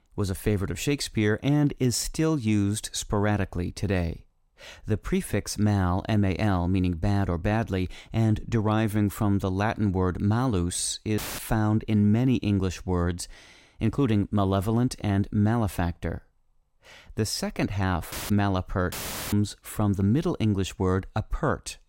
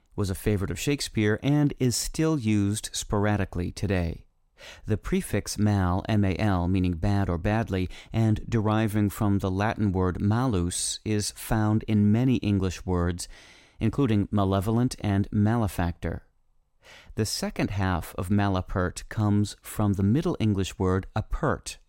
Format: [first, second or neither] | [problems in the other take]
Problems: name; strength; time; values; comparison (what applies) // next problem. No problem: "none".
second | audio cutting out; filled with static; at 11 s, at 18 s and at 19 s